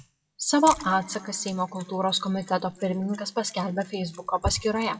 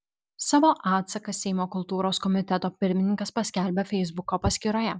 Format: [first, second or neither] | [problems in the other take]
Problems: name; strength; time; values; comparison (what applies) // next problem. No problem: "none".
second | noise reduction (classical method WPE with log-MMSE)